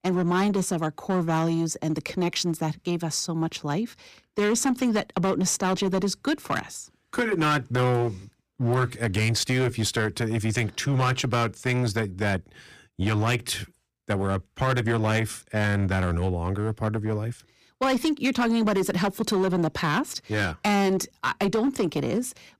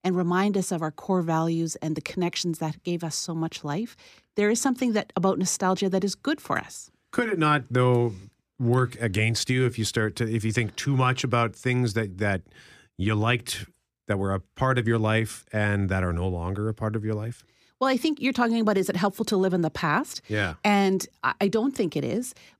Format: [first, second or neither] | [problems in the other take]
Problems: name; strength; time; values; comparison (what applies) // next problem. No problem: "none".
second | distortion; slight; 10% of the sound clipped